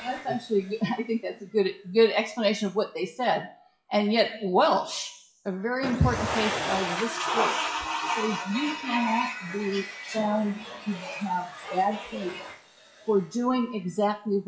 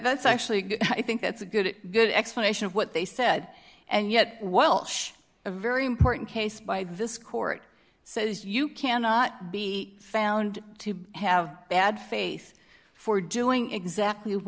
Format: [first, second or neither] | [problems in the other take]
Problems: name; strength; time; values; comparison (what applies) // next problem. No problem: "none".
second | noise reduction (classical method WPE with log-MMSE)